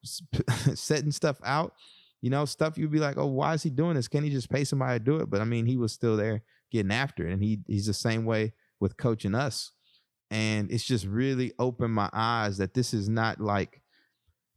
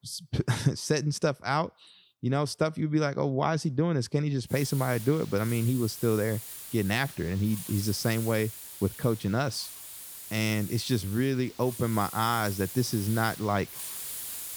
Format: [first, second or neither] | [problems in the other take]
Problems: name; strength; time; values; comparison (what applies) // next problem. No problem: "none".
first | hiss; noticeable; from 4.5 s on; 10 dB below the speech